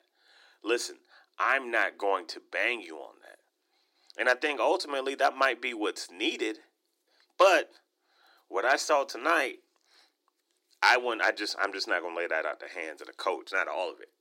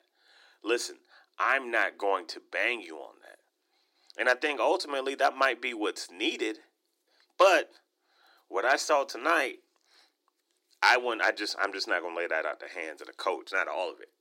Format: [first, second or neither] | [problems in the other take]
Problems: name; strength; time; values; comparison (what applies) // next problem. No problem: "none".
neither | thin; very; fading below 300 Hz; the same in both